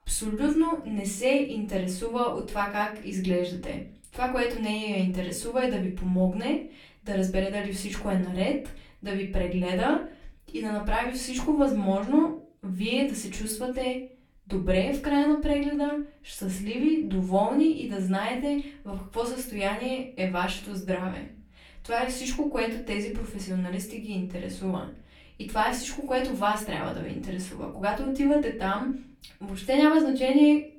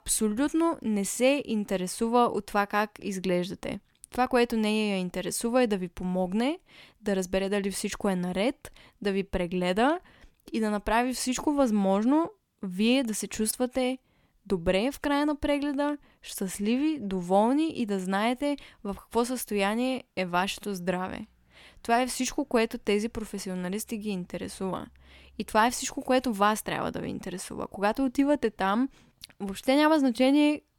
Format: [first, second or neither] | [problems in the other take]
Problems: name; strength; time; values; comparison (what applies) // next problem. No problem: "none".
second | room echo; slight; dies away in 0.4 s // off-mic speech; far